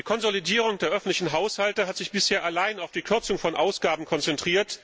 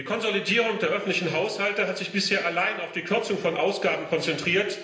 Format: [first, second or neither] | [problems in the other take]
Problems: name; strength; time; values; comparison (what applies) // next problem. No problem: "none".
first | room echo; dies away in 0.9 s